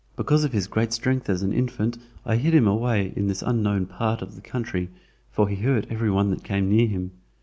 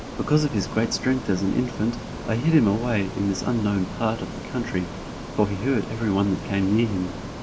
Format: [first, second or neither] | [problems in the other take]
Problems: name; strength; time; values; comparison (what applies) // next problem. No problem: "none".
first | background sound (Ocean); 10 dB below the speech // room echo; dies away in 0.3 s